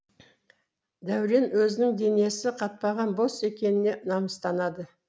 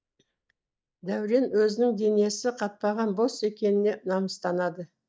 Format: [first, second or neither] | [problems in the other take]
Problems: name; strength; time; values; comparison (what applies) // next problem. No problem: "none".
first | noise reduction (neural mask model DeepFilterNet 3)